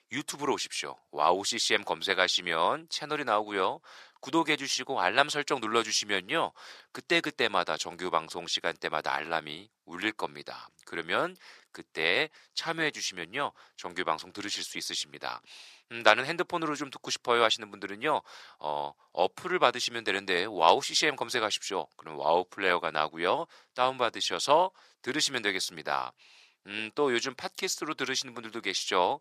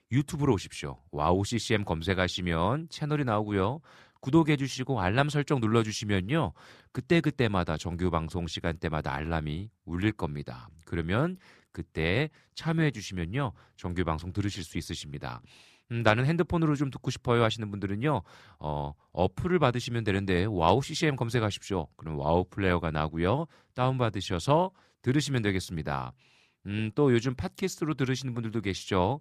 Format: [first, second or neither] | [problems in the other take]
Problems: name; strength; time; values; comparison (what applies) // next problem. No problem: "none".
second | thin; very; fading below 550 Hz